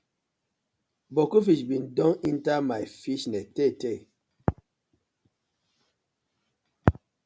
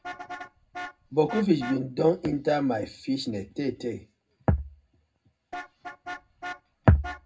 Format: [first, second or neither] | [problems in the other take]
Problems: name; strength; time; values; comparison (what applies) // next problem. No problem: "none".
first | background sound (Vehicle horn, car horn, honking); 15 dB below the speech // room echo; dies away in 0.3 s